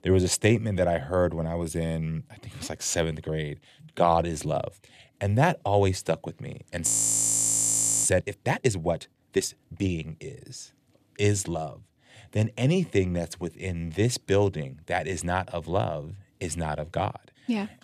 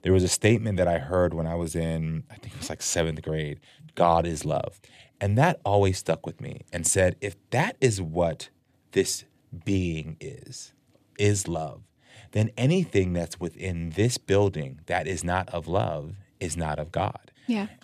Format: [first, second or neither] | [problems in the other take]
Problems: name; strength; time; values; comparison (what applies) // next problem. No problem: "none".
second | audio freezing; at 7 s for 1 s